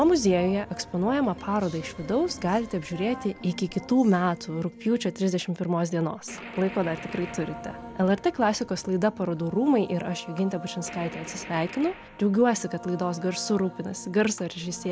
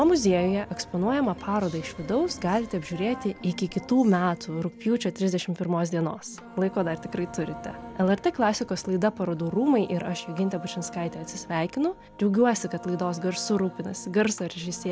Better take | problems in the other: second | background sound (Gunshot, gunfire); 18 dB below the speech

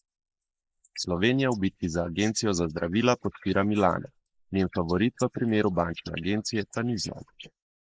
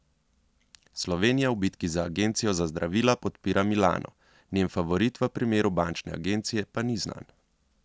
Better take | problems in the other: second | noise reduction (neural mask model Resemble Enhance denoiser)

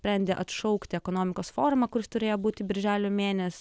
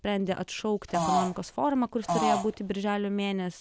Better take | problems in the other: first | background sound (Fart); 1 dB above the speech

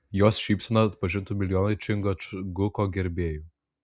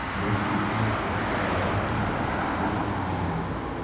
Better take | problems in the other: first | background sound (Motor vehicle (road)); 4 dB above the speech // room echo; dies away in 1.1 s

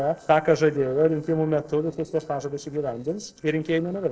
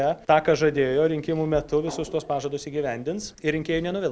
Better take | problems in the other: second | noise reduction (neural separator model SepFormer DNS4)

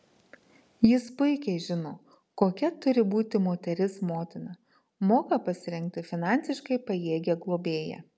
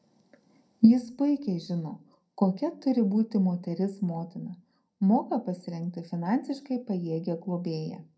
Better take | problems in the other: first | room echo; dies away in 0.2 s

